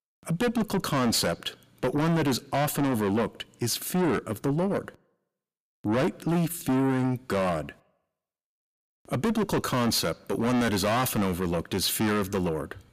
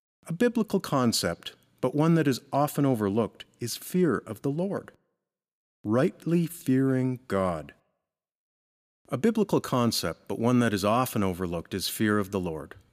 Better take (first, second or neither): second